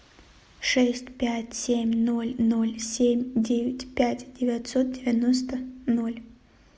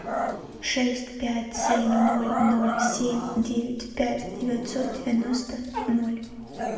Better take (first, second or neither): first